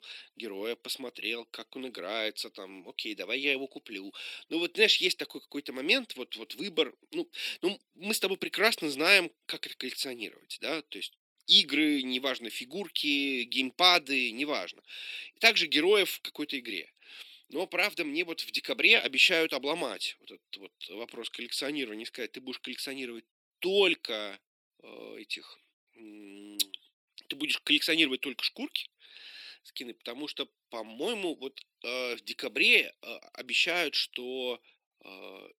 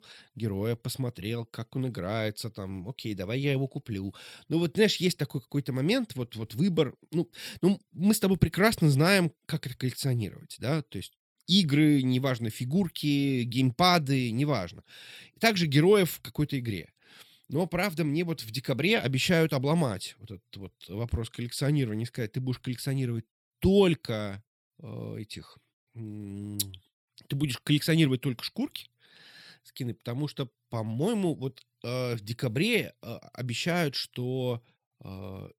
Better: second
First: thin; somewhat; fading below 300 Hz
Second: none

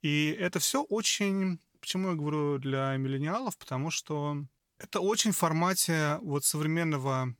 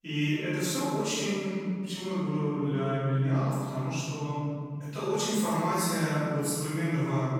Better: first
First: none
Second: room echo; strong; dies away in 2.6 s // off-mic speech; far

